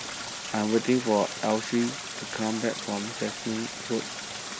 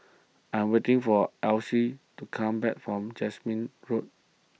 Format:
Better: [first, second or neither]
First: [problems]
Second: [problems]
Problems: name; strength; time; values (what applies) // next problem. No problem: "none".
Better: second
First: background sound (Stream); 7 dB below the speech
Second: none